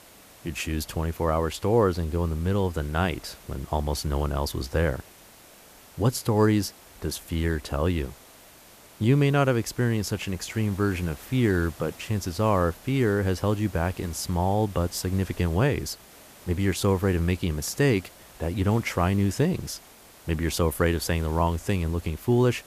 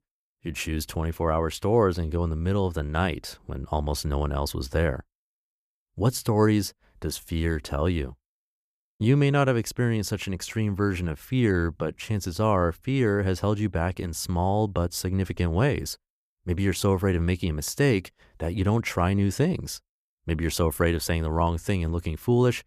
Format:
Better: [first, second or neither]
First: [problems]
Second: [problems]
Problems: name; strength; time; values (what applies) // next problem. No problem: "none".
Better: second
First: hiss; faint; throughout; 20 dB below the speech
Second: none